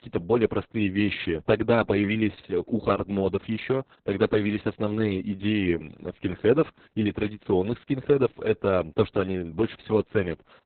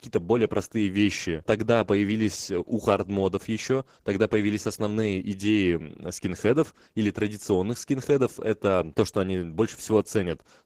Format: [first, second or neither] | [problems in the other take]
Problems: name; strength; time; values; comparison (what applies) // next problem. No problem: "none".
second | garbled, watery; badly; nothing above 4 kHz; slightly in the second